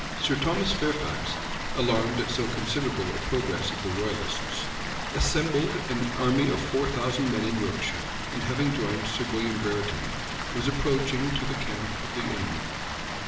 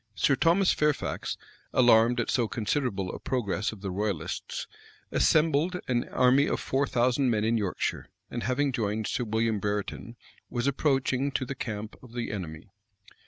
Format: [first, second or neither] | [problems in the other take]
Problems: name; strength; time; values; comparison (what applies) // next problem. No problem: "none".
second | background sound (Water); 3 dB below the speech // room echo; dies away in 0.8 s